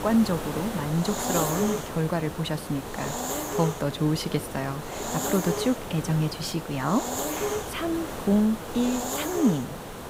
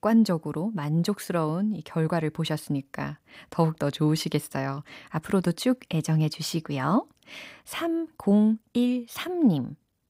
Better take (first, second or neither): second